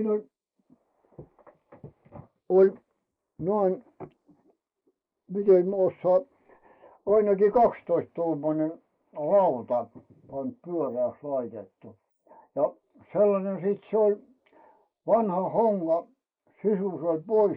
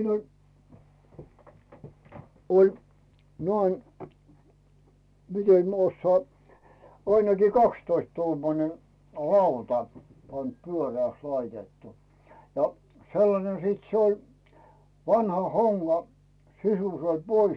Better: second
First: noise reduction (neural mask model Resemble Enhance denoiser)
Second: none

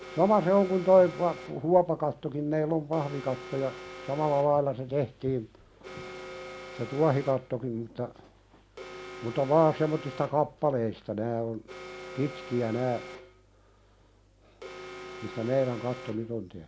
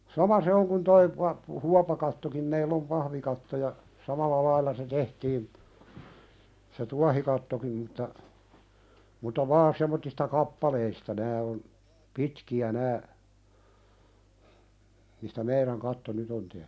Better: second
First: background sound (Alarm); 16 dB below the speech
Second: none

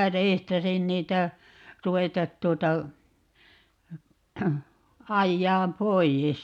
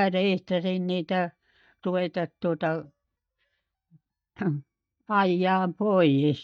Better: first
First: none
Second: noise reduction (neural mask model DeepFilterNet 3)

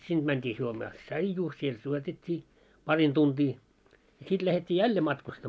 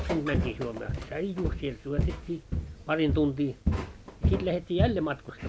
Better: first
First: none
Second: background sound (Walk, footsteps); as loud as the speech

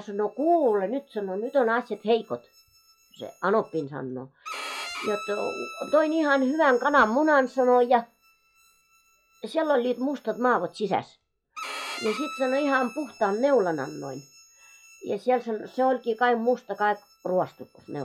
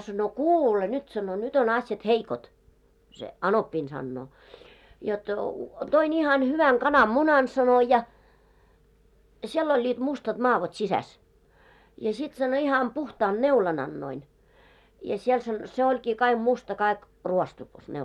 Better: second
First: noise reduction (classical method log-MMSE)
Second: none

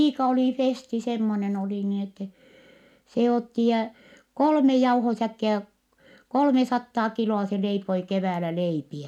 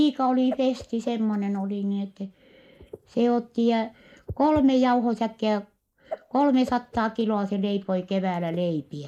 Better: first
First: none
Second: noise reduction (neural mask model Resemble Enhance denoiser)

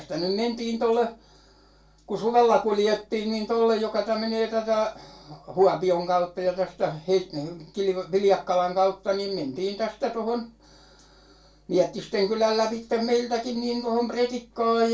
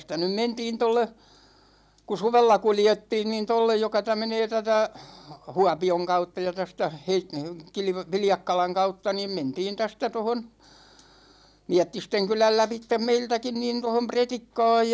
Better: second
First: room echo; dies away in 0.2 s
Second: none

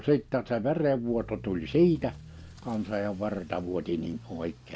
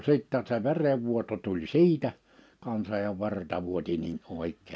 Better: second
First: background sound (Accelerating, revving, vroom / Motor vehicle (road)); 18 dB below the speech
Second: none

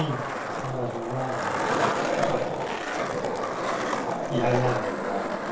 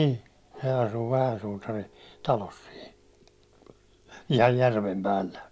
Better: second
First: background sound (Skateboard); 4 dB above the speech // room echo; dies away in 0.2 s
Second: none

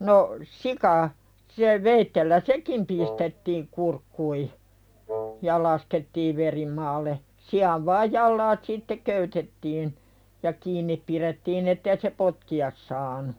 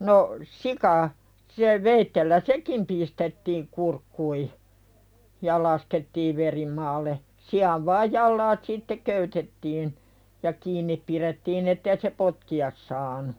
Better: second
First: background sound (Wind instrument, woodwind instrument); 9 dB below the speech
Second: none

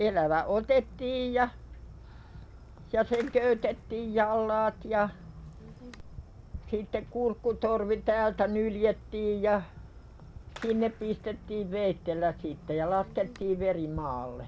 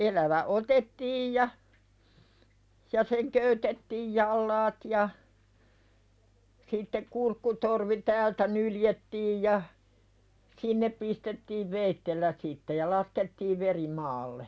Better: second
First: background sound (Fireworks); 16 dB below the speech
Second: none

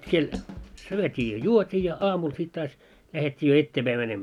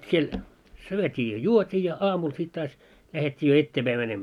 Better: second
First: background sound (Drum kit); 19 dB below the speech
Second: none

